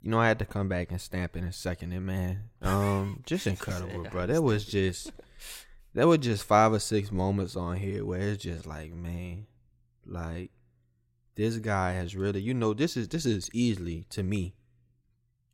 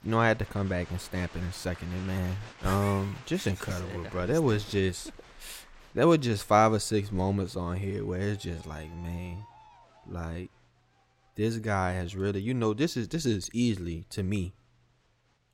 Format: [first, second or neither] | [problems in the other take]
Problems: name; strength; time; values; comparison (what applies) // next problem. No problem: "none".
first | crowd noise; faint; throughout; 20 dB below the speech